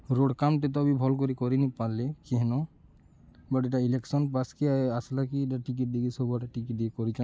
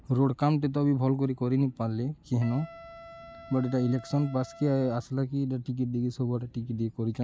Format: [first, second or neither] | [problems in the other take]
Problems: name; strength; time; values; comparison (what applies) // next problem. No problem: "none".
first | background sound (Wind instrument, woodwind instrument); 20 dB below the speech